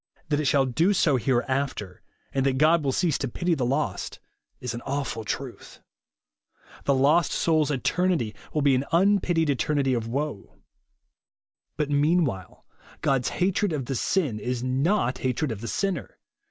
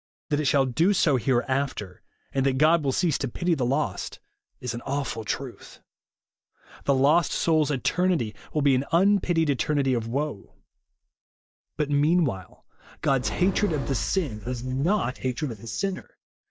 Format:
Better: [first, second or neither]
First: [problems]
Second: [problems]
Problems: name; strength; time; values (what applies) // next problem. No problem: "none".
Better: first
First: none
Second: noise reduction (neural mask model DeepFilterNet 3)